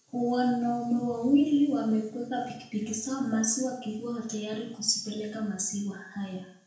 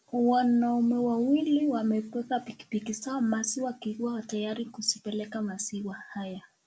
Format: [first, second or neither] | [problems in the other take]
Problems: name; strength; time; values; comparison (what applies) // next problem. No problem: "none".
second | room echo; dies away in 0.5 s